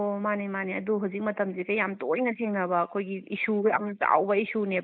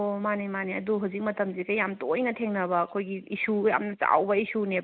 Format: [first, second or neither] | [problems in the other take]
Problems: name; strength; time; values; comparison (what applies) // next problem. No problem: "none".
second | noise reduction (neural mask model Resemble Enhance denoiser)